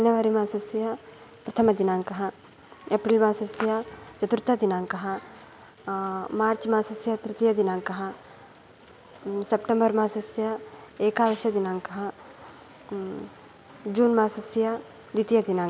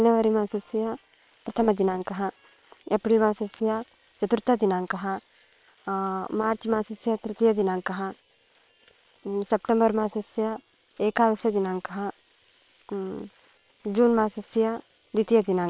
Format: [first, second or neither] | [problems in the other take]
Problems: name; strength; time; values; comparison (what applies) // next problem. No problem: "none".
first | noise reduction (neural separator model SepFormer WHAM!)